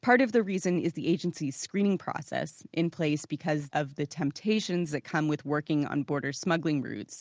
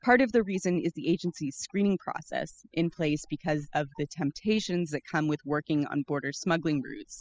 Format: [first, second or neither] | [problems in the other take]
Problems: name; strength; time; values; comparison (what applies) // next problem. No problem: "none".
first | noise reduction (classical method spectral subtraction)